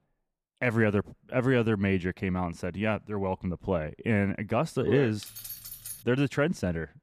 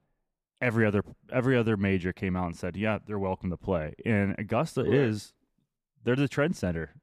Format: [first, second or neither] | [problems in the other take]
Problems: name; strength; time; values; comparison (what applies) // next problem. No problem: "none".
second | jangling keys; faint; at 5 s; peak 10 dB below the speech